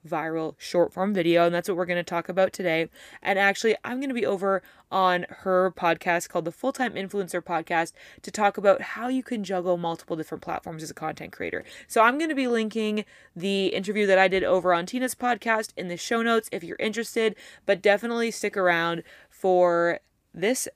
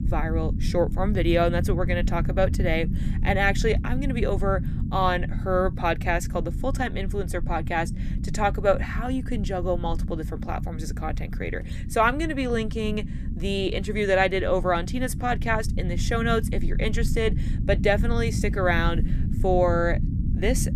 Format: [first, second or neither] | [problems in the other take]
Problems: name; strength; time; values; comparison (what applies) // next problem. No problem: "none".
first | low rumble; noticeable; throughout; 15 dB below the speech